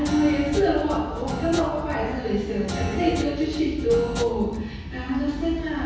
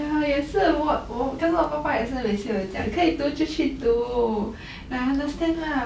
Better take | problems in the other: second | background sound (Guitar); 10 dB below the speech // room echo; dies away in 1.1 s

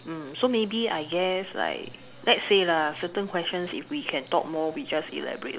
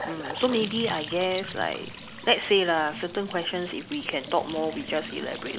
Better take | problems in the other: first | background sound (Trickle, dribble / Bathtub (filling or washing) / Sink (filling or washing) / Gurgling / Splash, splatter); 12 dB below the speech

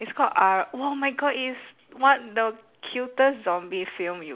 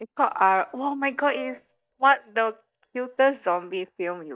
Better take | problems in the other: first | noise reduction (neural mask model DeepFilterNet 3)

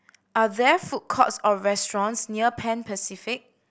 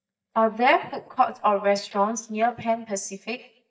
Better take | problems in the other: first | noise reduction (neural mask model DeepFilterNet 3)

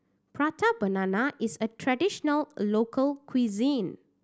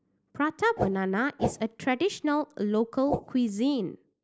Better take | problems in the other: first | noise reduction (neural mask model Resemble Enhance denoiser)

